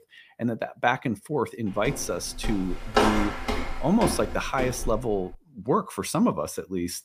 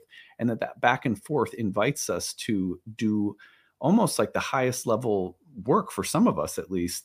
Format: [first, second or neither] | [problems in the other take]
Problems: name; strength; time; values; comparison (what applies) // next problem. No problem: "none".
second | footsteps; loud; from 2 to 5 s; peak 5 dB above the speech